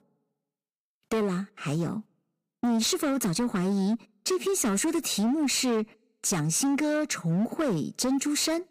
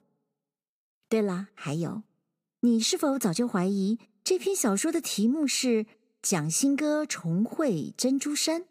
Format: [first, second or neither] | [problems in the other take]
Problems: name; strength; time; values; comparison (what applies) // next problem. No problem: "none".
second | distortion; slight; 17% of the sound clipped